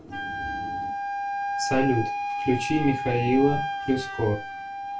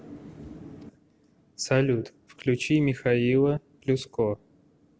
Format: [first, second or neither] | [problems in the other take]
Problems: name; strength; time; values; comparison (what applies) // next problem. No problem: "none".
second | background sound (Wind instrument, woodwind instrument); 3 dB below the speech // room echo; dies away in 0.2 s